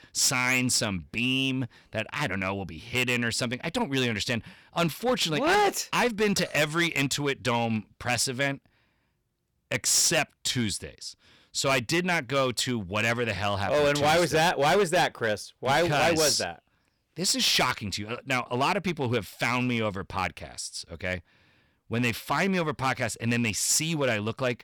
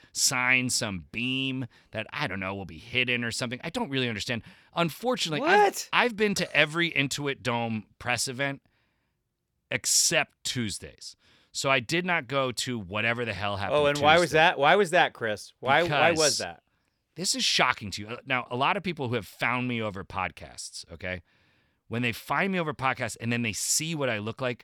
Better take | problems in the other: second | distortion; heavy; 7% of the sound clipped

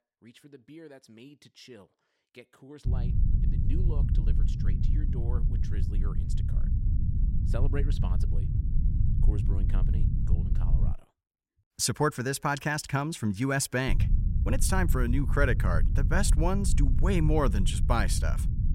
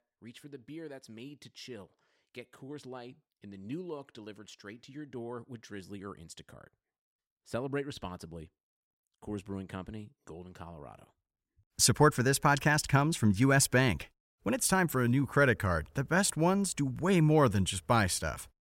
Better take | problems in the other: second | low rumble; noticeable; from 3 to 11 s and from 14 s on; 15 dB below the speech

